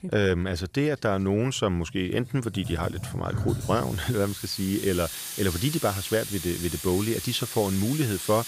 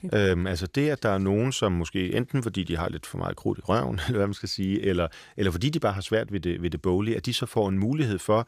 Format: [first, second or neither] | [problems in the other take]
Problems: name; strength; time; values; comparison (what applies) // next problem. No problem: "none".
second | household noises; loud; throughout; 7 dB below the speech